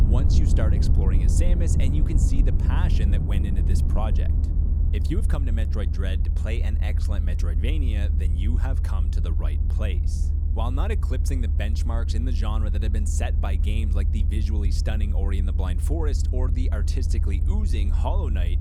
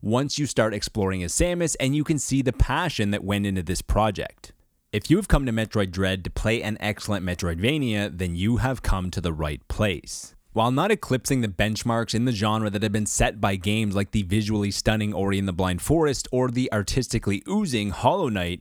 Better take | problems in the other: second | low rumble; loud; throughout; 4 dB below the speech

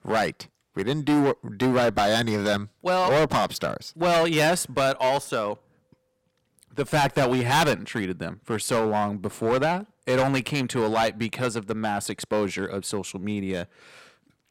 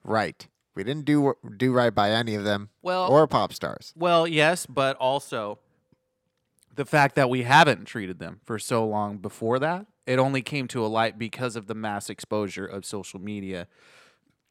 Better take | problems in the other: second | distortion; heavy; 10% of the sound clipped

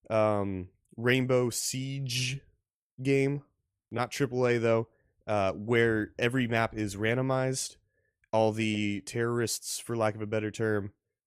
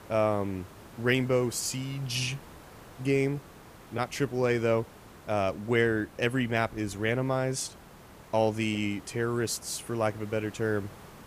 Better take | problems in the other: first | hiss; faint; throughout; 20 dB below the speech

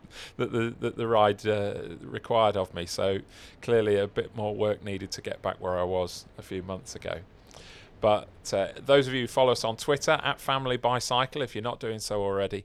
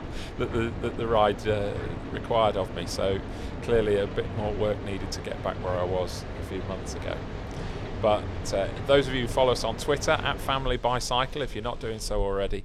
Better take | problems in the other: first | machinery noise; loud; throughout; 9 dB below the speech; faint in the first

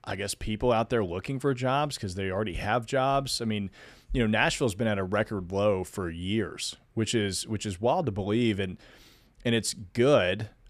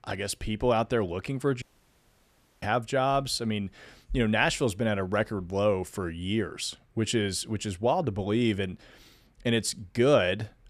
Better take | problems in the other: first | audio cutting out; at 1.5 s for 1 s

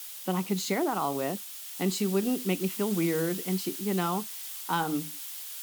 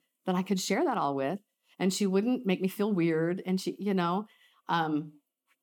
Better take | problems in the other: second | hiss; loud; throughout; 7 dB below the speech

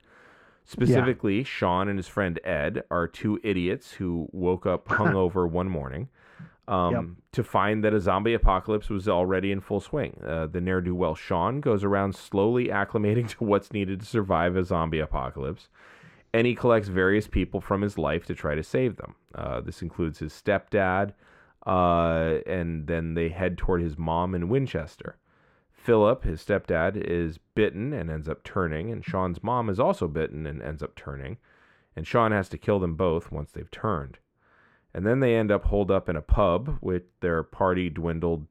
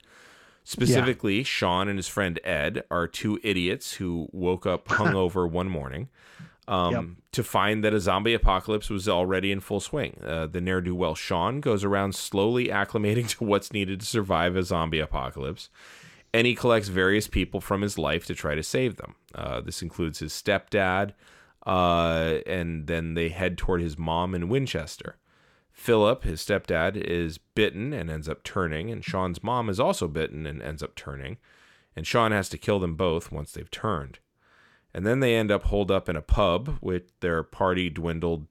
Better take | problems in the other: second | muffled; slightly; fading above 2.5 kHz

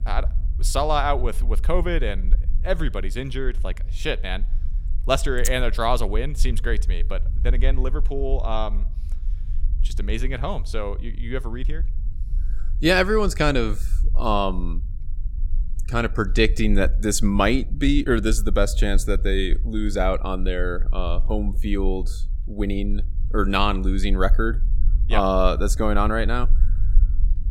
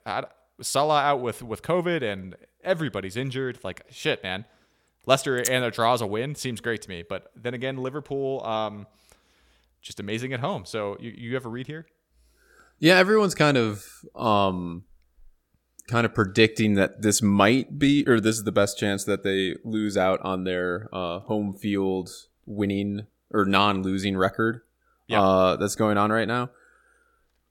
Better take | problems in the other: second | low rumble; faint; throughout; 25 dB below the speech

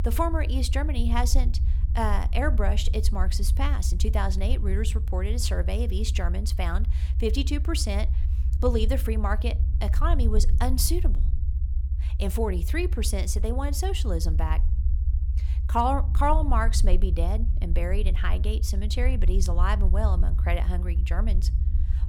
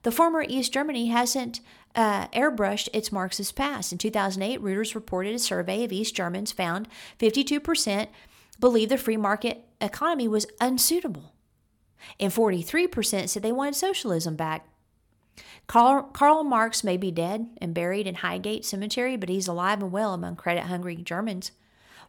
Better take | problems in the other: second | low rumble; noticeable; throughout; 15 dB below the speech

